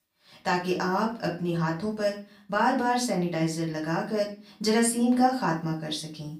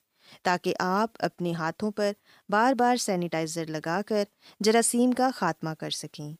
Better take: second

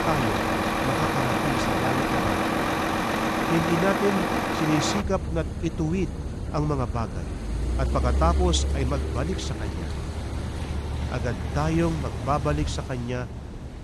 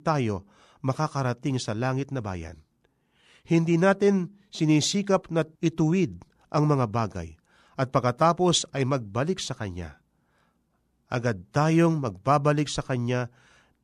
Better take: second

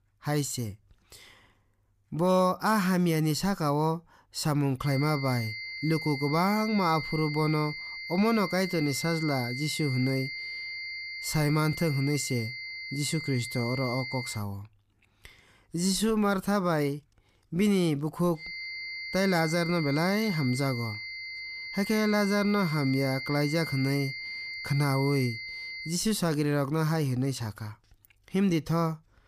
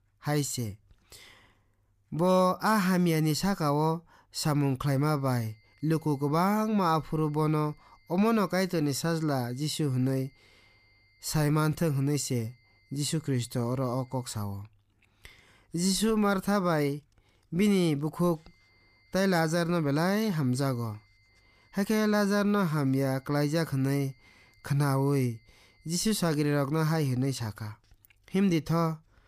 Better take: second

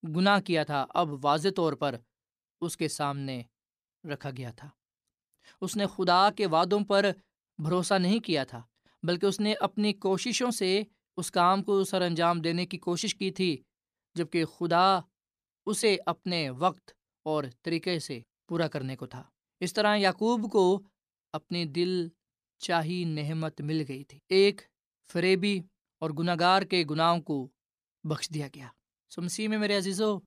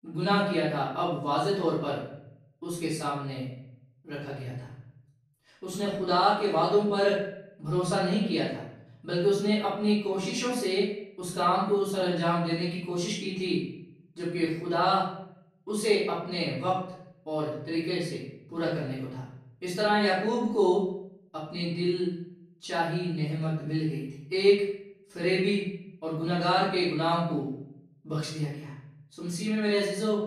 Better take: first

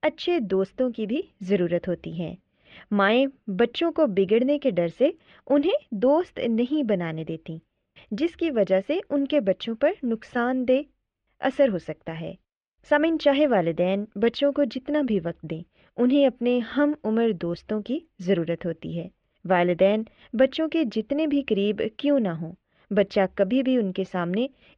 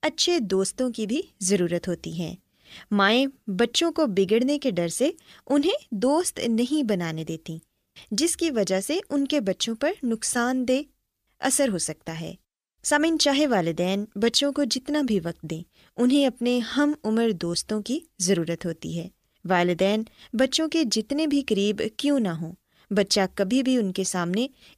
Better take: second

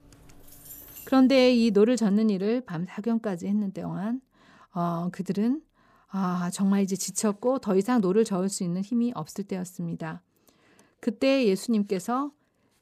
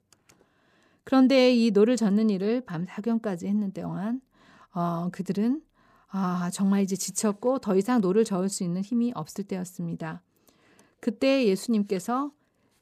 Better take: second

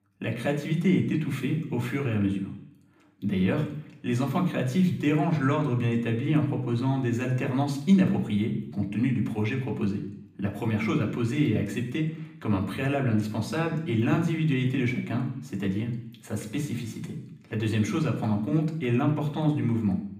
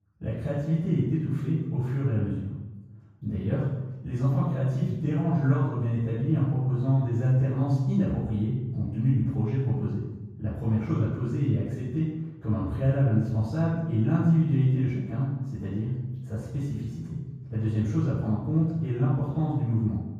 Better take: first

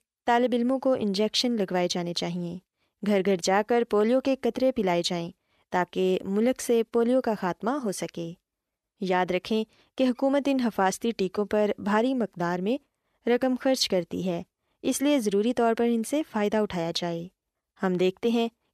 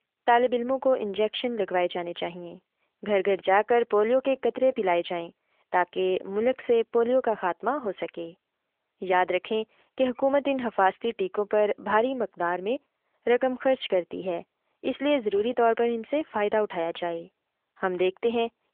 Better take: first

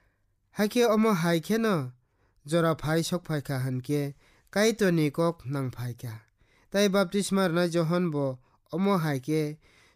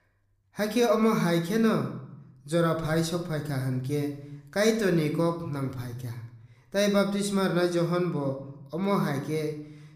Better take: first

